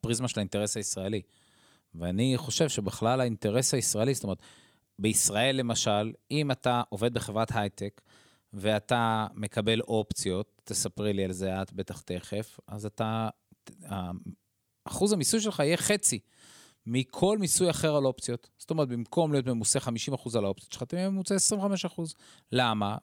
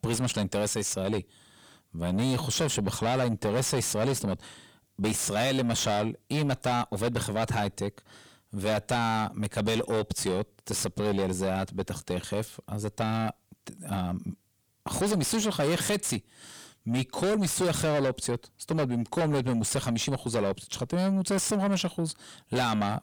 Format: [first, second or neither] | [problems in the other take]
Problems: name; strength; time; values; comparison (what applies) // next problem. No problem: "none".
first | distortion; heavy; 6 dB below the speech